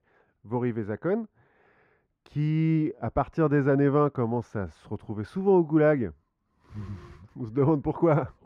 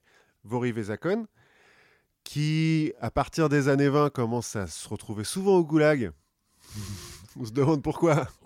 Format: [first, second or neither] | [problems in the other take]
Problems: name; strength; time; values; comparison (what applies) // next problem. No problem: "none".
second | muffled; very; fading above 3.5 kHz